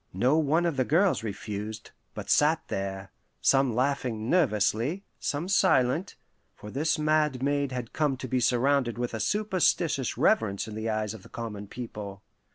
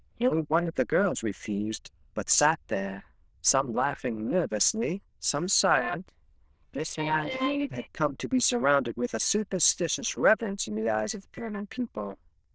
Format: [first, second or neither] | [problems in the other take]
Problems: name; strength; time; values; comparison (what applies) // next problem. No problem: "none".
first | noise reduction (neural diffusion model UNIVERSE++)